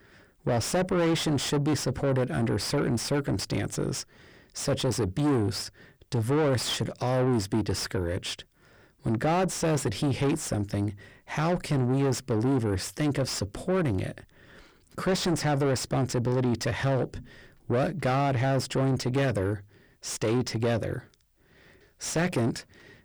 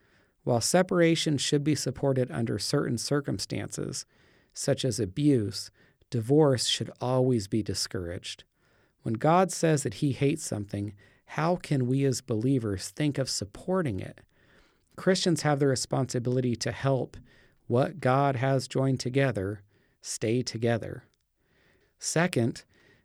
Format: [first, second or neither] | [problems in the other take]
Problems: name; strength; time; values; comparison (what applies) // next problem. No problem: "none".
second | distortion; heavy; 6 dB below the speech